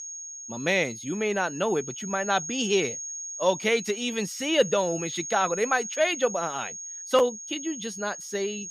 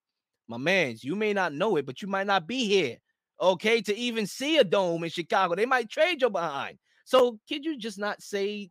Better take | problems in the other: second | high-pitched whine; loud; throughout; 6.5 kHz, 8 dB below the speech

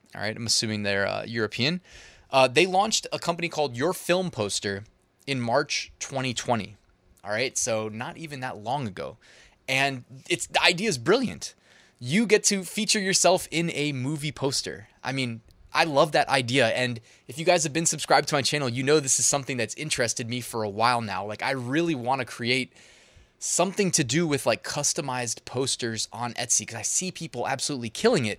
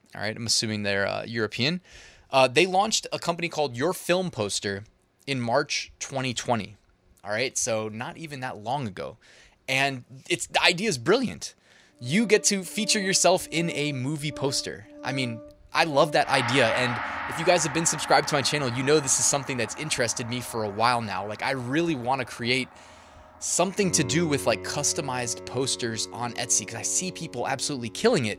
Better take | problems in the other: first | background music; noticeable; from 12 s on; 10 dB below the speech

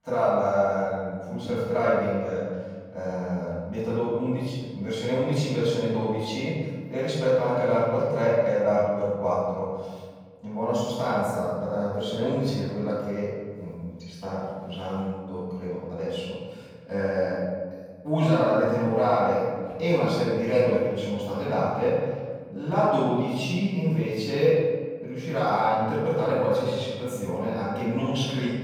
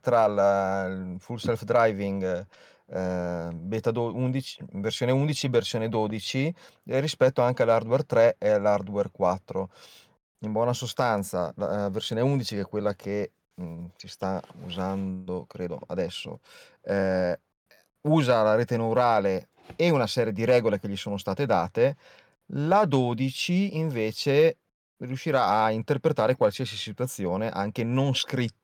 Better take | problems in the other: second | off-mic speech; far // room echo; strong; dies away in 1.6 s

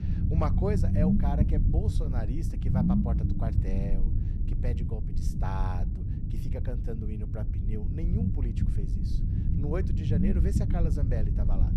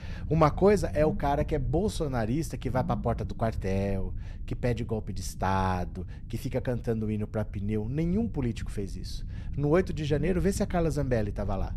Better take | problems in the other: second | low rumble; loud; throughout; 1 dB below the speech; faint in the second

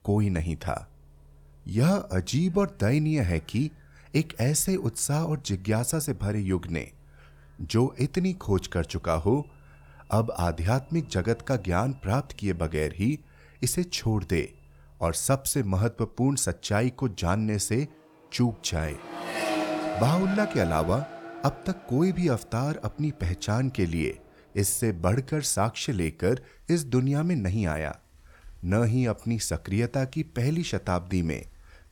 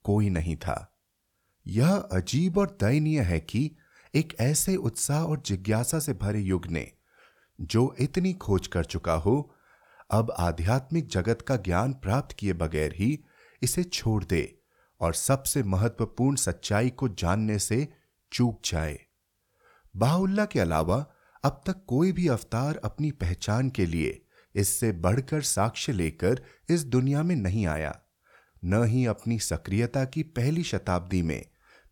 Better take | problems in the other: second | traffic noise; loud; throughout; 9 dB below the speech

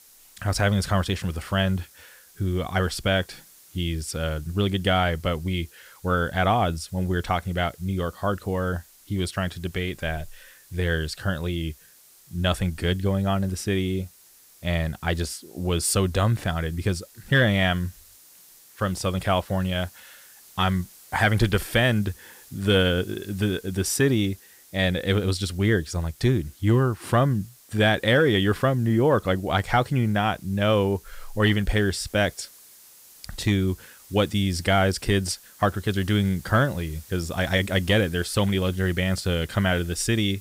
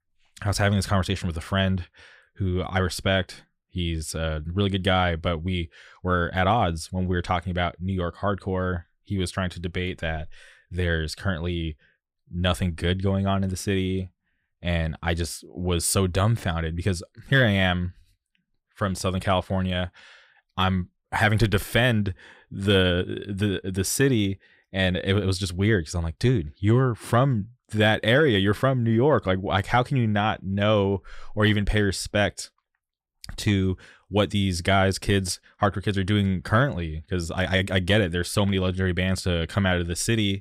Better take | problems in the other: second | hiss; faint; throughout; 25 dB below the speech

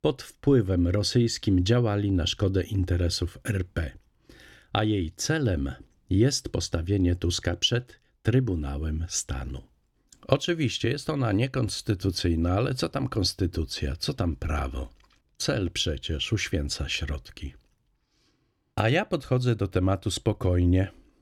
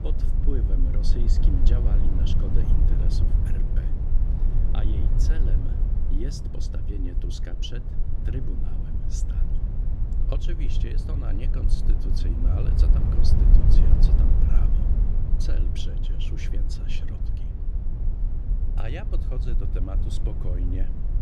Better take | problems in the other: first | low rumble; loud; throughout; as loud as the speech

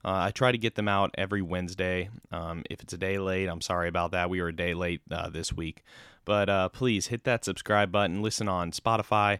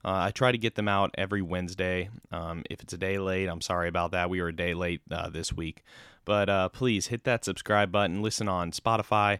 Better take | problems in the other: neither | none

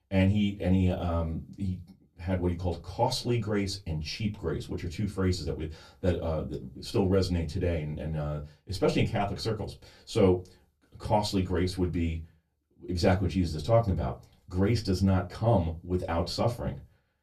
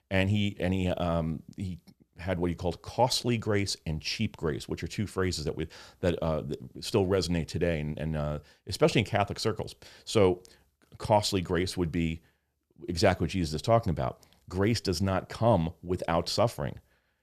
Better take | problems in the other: second | off-mic speech; far // room echo; very slight; dies away in 0.2 s

